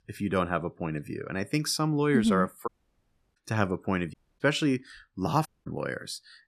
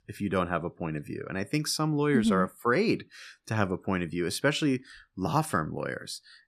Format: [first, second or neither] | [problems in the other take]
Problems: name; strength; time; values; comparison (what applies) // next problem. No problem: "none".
second | audio cutting out; at 2.5 s for 0.5 s, at 4 s and at 5.5 s